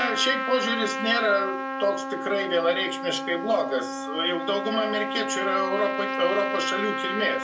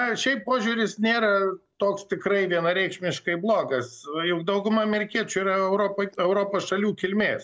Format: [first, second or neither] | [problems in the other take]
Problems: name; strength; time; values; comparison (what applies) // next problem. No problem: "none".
second | background sound (Trumpet); 4 dB below the speech // room echo; dies away in 0.2 s